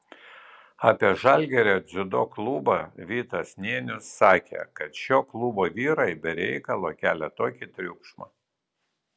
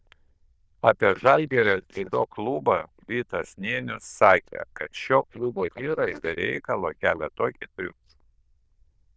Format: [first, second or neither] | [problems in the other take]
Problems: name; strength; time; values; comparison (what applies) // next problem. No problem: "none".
first | noise reduction (neural diffusion model UNIVERSE++)